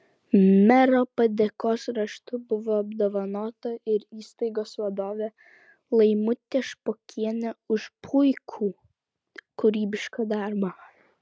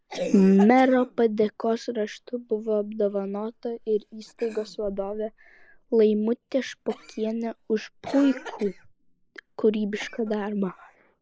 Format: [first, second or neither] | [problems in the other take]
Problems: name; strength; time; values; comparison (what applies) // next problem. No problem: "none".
first | noise reduction (neural mask model Resemble Enhance denoiser)